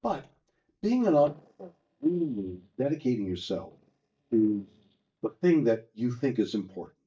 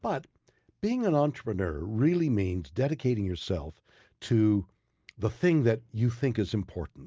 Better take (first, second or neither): second